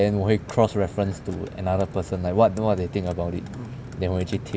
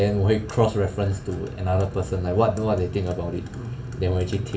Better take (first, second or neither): first